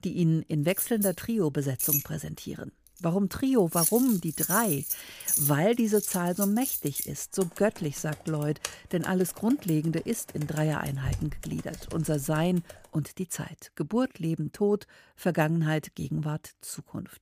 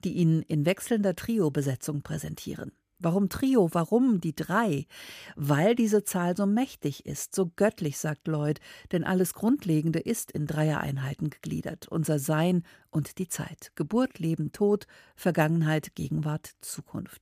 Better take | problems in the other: second | household noises; loud; until 13 s; 2 dB below the speech

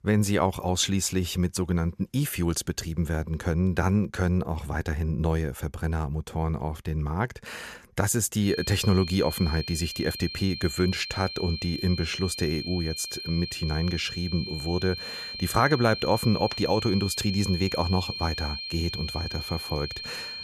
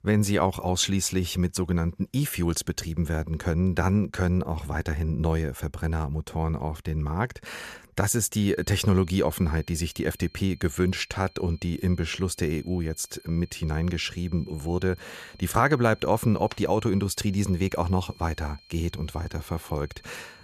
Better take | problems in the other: second | high-pitched whine; loud; from 8.5 s on; 4 kHz, 7 dB below the speech; faint in the second

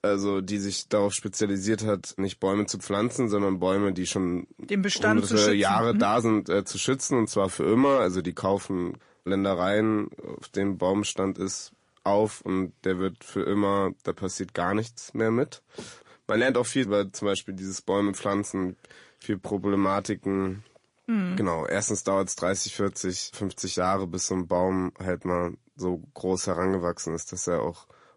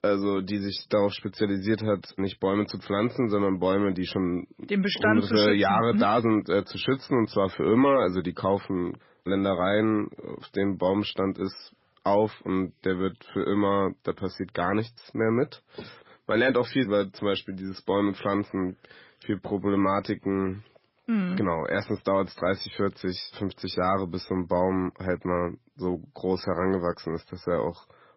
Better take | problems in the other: first | garbled, watery; badly; nothing above 5.5 kHz; slightly in the first

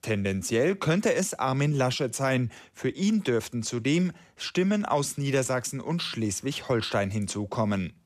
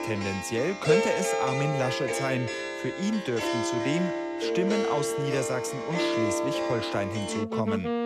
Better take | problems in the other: first | background music; very loud; throughout; 1 dB above the speech

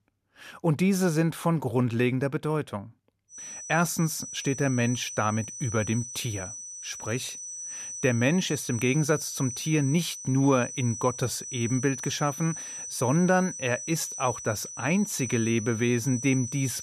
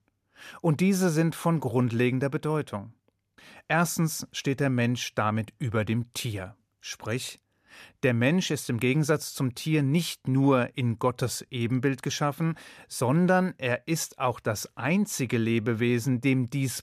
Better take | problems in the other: second | high-pitched whine; loud; from 3.5 s on; 6 kHz, 9 dB below the speech

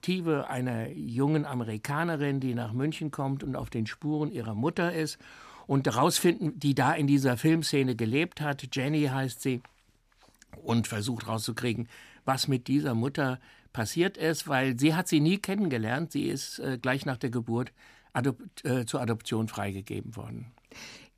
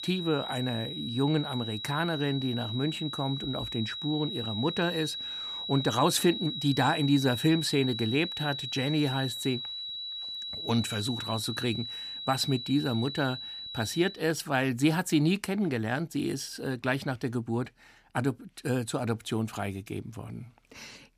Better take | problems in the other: first | high-pitched whine; loud; until 14 s; 4 kHz, 5 dB below the speech

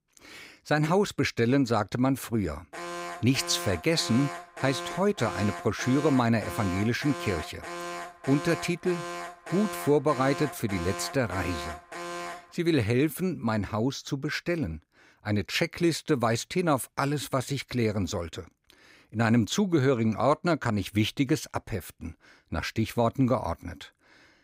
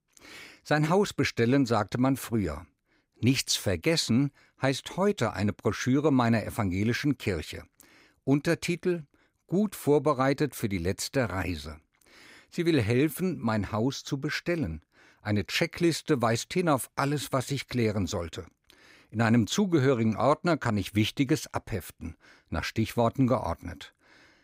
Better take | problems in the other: second | alarm; noticeable; from 2.5 to 13 s; peak 8 dB below the speech

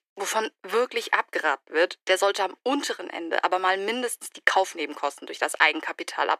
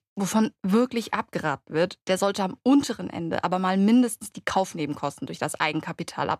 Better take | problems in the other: second | thin; very; fading below 350 Hz

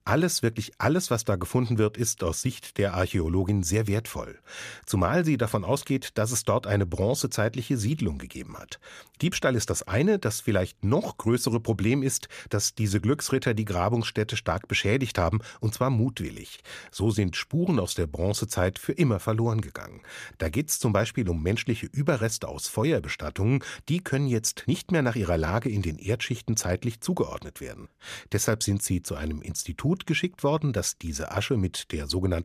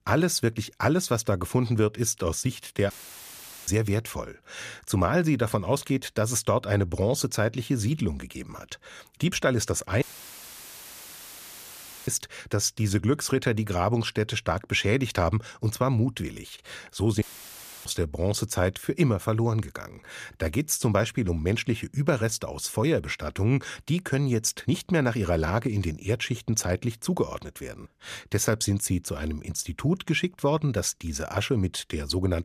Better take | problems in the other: first | audio cutting out; filled with static; at 3 s for 1 s, at 10 s for 2 s and at 17 s for 0.5 s

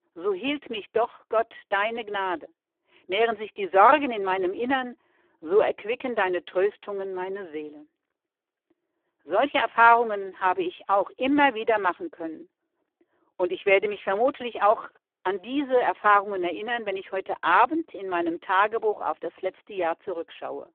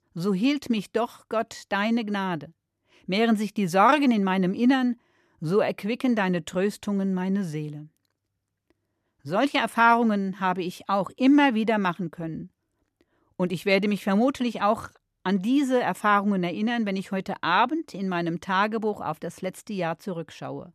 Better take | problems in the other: second | phone-call audio; poor line

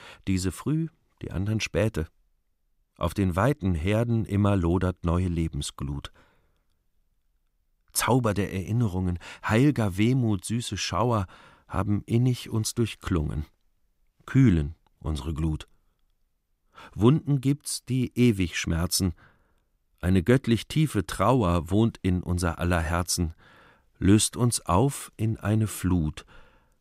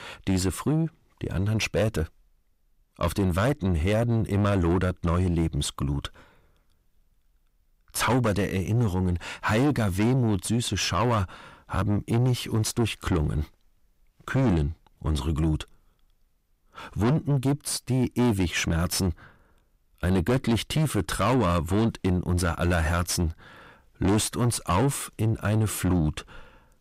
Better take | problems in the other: first | distortion; heavy; 5 dB below the speech

